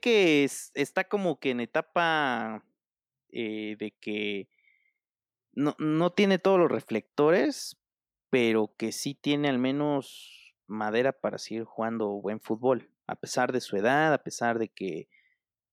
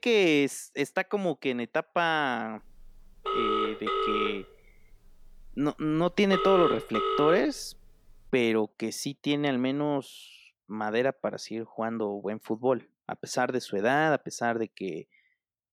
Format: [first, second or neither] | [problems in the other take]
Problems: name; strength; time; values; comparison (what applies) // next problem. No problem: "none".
first | phone ringing; loud; from 3 to 8 s; peak 2 dB above the speech